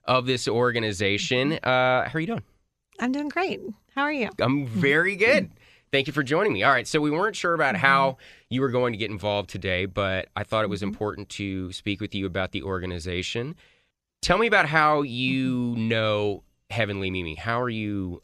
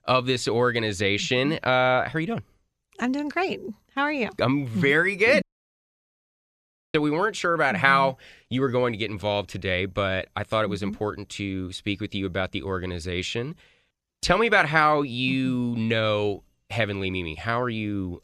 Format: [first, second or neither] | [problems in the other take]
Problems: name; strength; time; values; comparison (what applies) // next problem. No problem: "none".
first | audio cutting out; at 5.5 s for 1.5 s